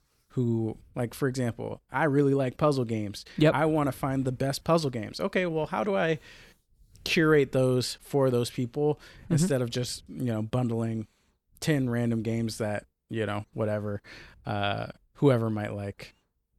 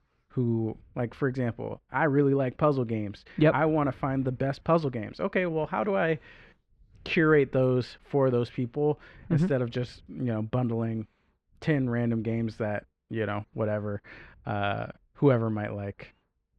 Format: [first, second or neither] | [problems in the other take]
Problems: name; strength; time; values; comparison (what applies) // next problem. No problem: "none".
first | muffled; slightly; fading above 2 kHz